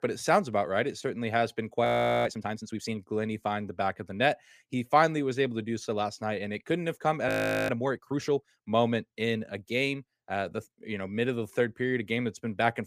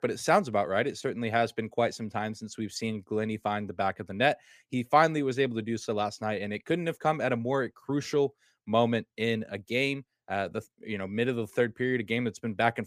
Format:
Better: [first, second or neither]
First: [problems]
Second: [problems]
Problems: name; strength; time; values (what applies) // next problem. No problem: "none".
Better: second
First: audio freezing; at 2 s and at 7.5 s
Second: none